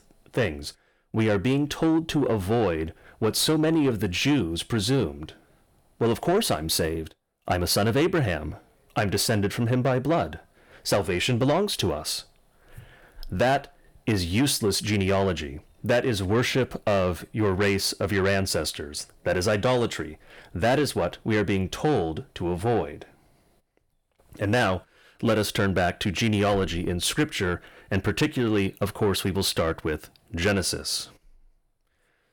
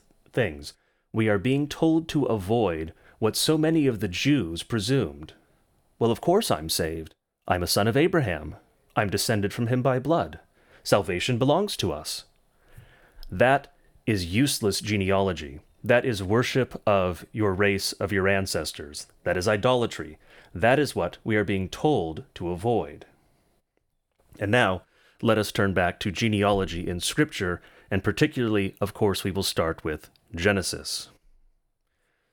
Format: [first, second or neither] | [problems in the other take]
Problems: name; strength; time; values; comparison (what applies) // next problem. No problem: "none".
second | distortion; slight; 10 dB below the speech